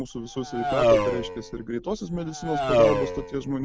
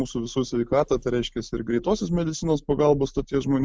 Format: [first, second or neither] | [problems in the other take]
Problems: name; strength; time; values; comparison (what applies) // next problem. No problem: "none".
second | background sound (Race car, auto racing); 4 dB above the speech